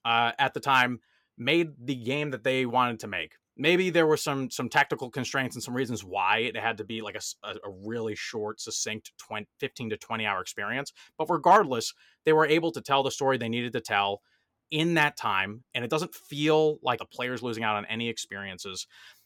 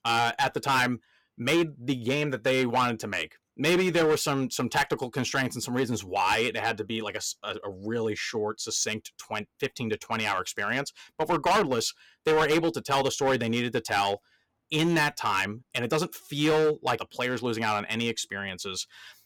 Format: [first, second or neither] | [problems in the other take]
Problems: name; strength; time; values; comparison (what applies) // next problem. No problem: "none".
first | distortion; heavy; 7% of the sound clipped